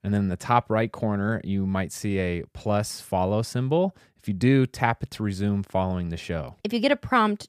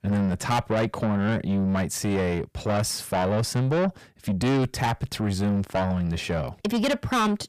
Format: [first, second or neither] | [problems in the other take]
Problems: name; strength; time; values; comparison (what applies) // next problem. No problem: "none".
first | distortion; heavy; 6 dB below the speech